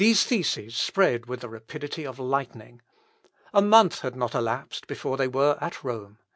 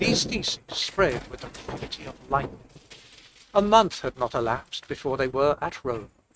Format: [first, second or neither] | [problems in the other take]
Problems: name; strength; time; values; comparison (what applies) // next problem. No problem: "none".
first | noise reduction (neural mask model RNNoise)